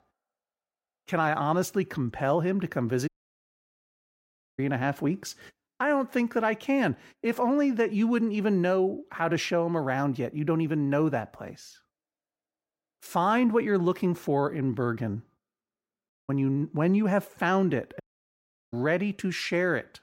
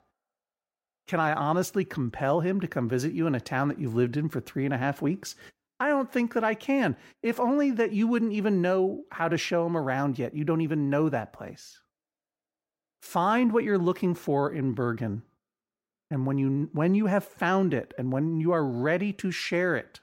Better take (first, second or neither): second